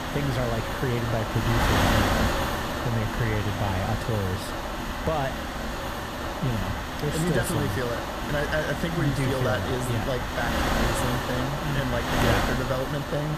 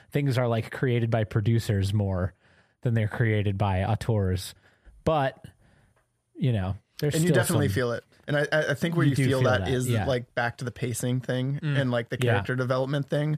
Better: second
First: wind noise on the microphone; heavy; 3 dB above the speech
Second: none

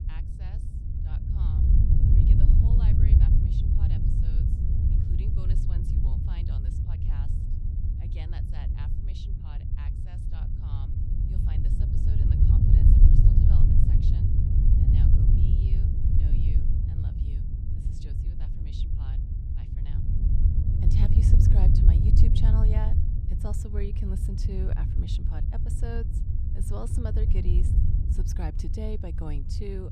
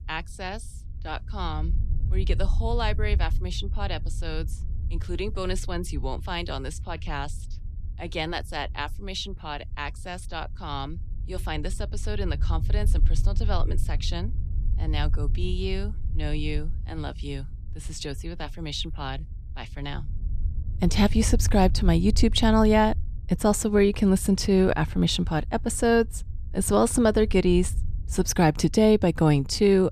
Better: second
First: wind noise on the microphone; heavy; 4 dB above the speech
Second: wind noise on the microphone; occasional gusts; 20 dB below the speech

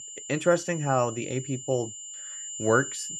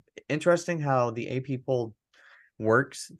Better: second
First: high-pitched whine; loud; throughout; 7 kHz, 9 dB below the speech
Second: none

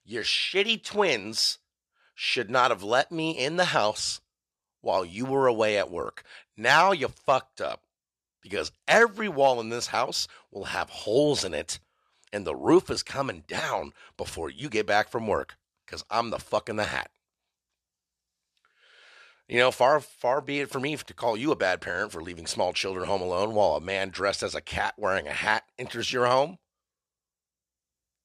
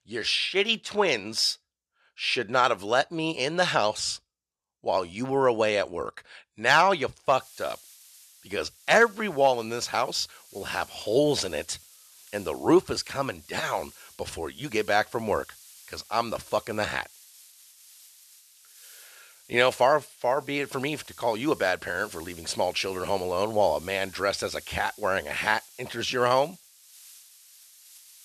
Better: first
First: none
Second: hiss; faint; from 7.5 s on; 20 dB below the speech

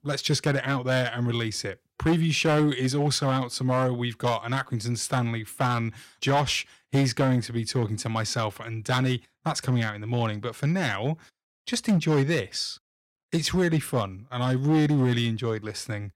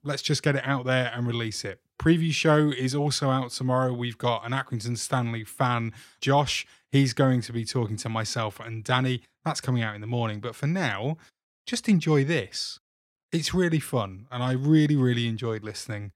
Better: second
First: distortion; slight; 5% of the sound clipped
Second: none

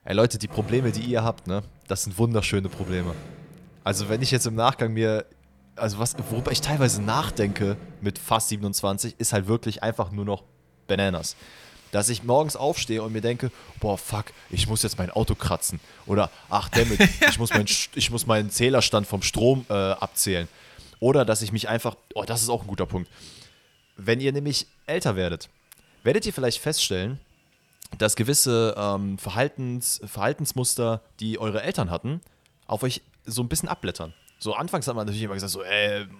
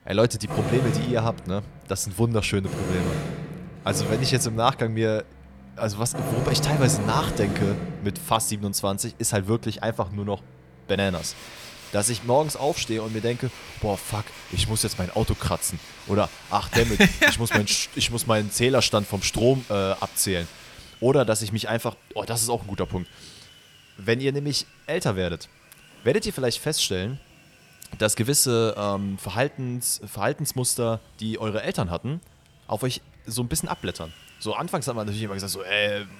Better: first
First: machinery noise; faint; throughout; 20 dB below the speech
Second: machinery noise; loud; throughout; 10 dB below the speech

